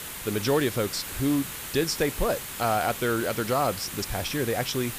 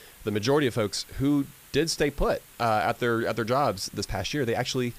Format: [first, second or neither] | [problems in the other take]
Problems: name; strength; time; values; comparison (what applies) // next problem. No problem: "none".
second | hiss; loud; throughout; 7 dB below the speech; faint in the second